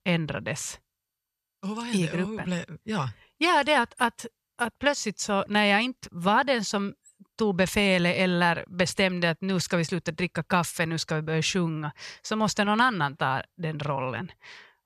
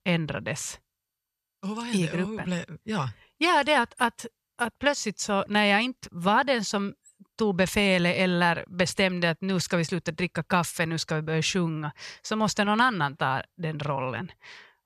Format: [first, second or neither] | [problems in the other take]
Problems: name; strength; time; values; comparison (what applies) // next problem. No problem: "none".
neither | none